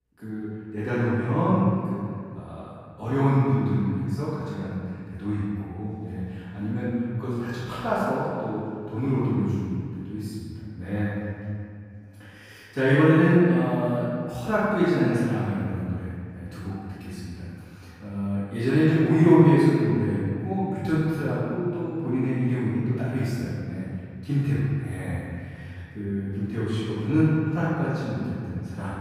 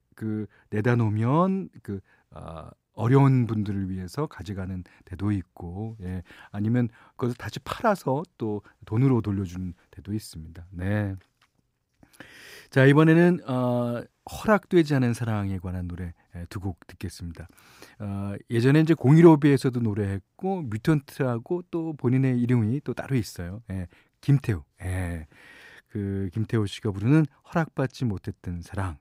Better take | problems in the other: second | off-mic speech; far // room echo; strong; dies away in 2.2 s

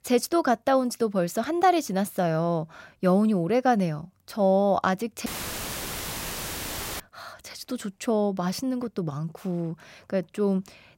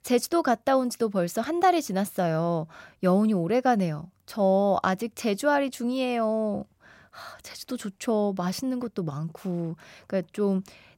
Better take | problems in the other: second | audio cutting out; filled with static; at 5.5 s for 1.5 s

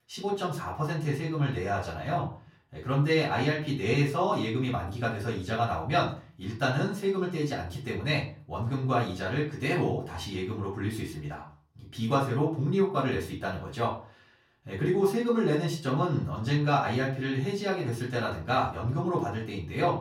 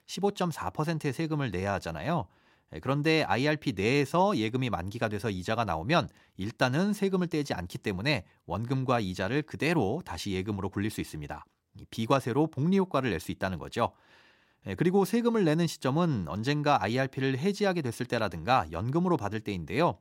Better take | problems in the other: second | off-mic speech; far // room echo; slight; dies away in 0.4 s

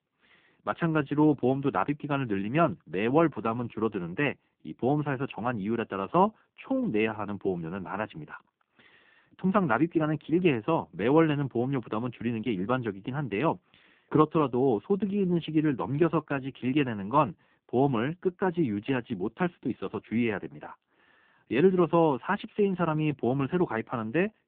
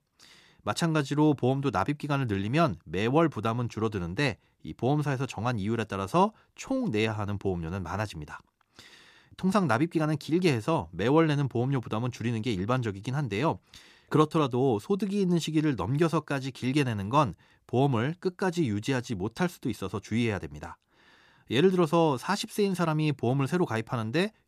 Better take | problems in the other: second | phone-call audio; poor line

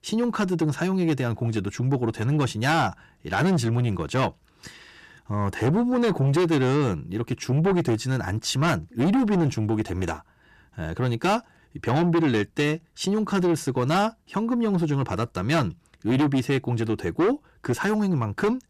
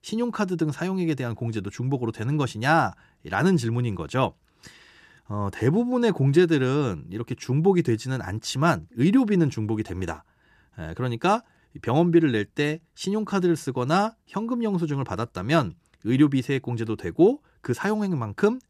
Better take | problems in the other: second | distortion; heavy; 8 dB below the speech

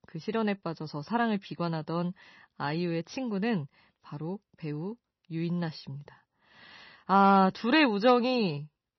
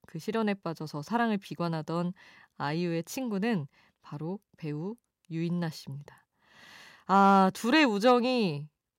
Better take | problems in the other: second | garbled, watery; slightly; nothing above 6 kHz

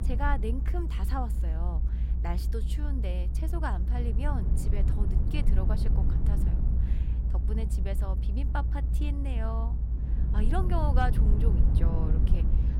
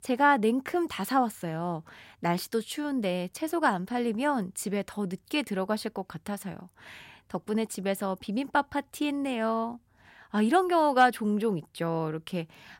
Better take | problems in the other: second | low rumble; loud; throughout; 6 dB below the speech

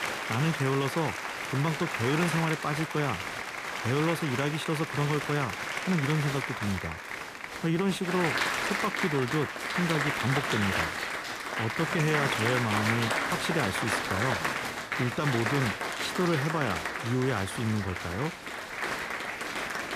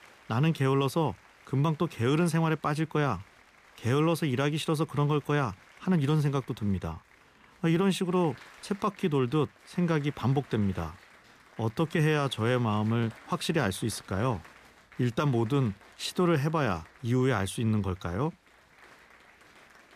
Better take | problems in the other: second | crowd noise; loud; throughout; 1 dB below the speech; faint in the second

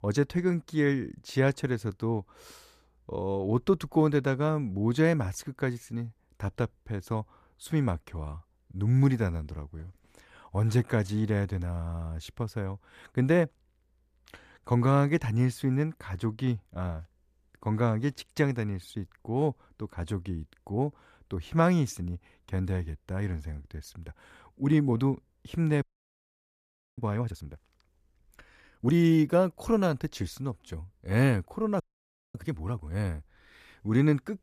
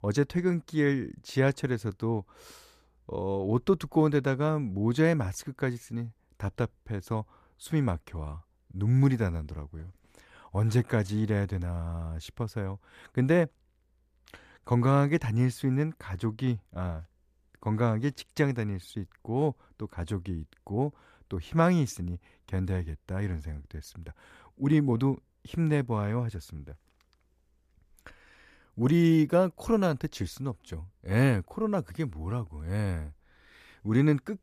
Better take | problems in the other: second | audio freezing; at 26 s for 1 s and at 32 s for 0.5 s

